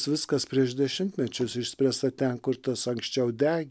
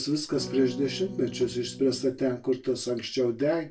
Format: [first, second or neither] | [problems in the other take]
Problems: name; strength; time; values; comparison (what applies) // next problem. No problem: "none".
first | background sound (Electric guitar / Strum); 11 dB below the speech // room echo; dies away in 0.2 s